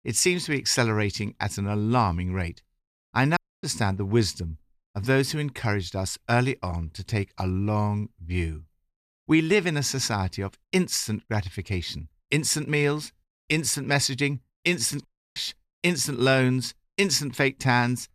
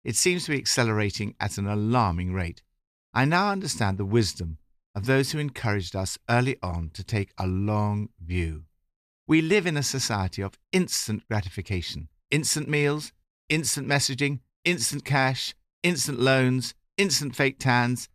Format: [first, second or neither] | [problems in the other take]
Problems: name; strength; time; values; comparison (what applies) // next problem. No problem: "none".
second | audio cutting out; at 3.5 s and at 15 s